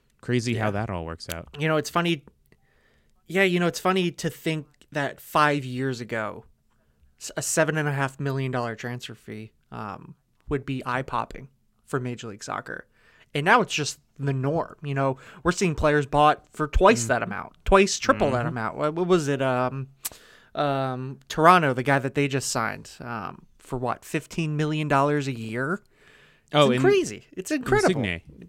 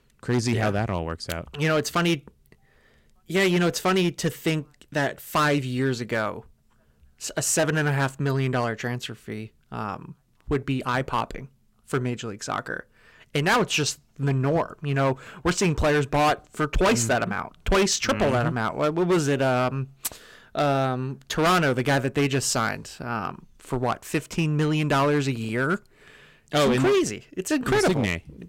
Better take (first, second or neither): first